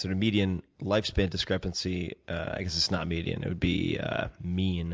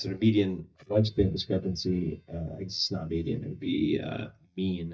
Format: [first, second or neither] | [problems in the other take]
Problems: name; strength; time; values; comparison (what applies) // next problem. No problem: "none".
first | noise reduction (neural mask model DeepFilterNet 3)